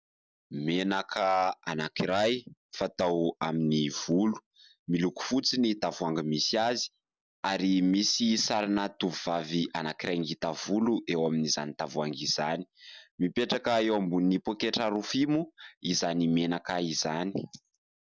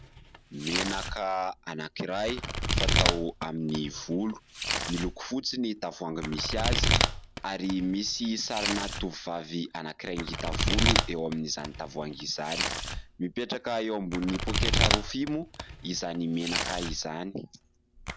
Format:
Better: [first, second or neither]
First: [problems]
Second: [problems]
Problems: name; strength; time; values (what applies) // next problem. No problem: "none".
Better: first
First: none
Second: background sound (Domestic sounds, home sounds); 1 dB above the speech